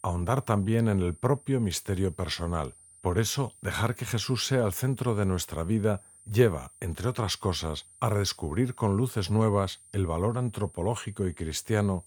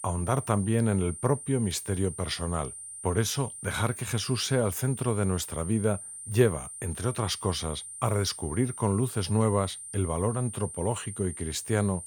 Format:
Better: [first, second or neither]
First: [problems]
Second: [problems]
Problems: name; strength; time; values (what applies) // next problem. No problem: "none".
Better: first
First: high-pitched whine; faint; throughout; 9 kHz, 25 dB below the speech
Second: high-pitched whine; loud; throughout; 9 kHz, 10 dB below the speech